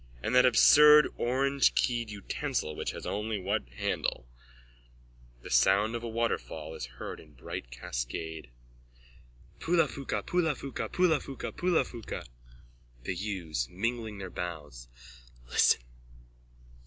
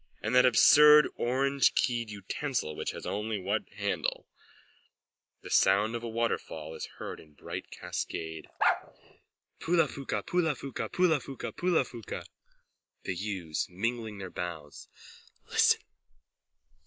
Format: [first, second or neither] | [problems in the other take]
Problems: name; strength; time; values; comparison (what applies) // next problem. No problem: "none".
first | noise reduction (neural mask model Resemble Enhance denoiser)